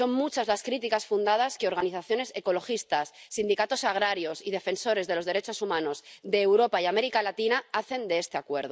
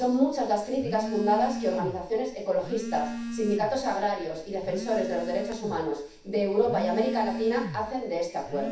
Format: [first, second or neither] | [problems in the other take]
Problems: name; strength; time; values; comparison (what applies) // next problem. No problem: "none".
first | background sound (Telephone); 9 dB below the speech // room echo; dies away in 0.7 s